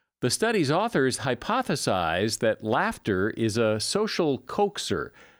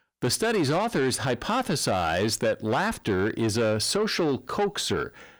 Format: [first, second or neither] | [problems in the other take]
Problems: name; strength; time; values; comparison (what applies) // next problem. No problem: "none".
first | distortion; slight; 10 dB below the speech